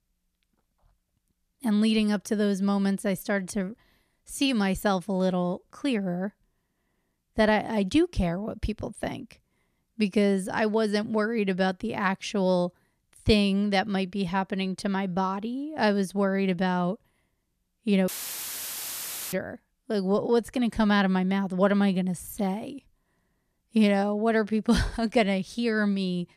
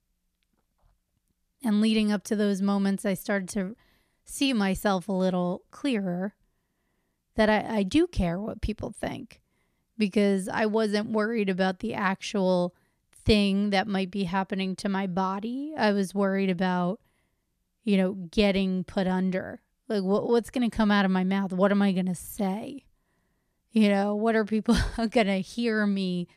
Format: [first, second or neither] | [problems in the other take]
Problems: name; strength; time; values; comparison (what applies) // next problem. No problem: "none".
second | audio cutting out; filled with static; at 18 s for 1 s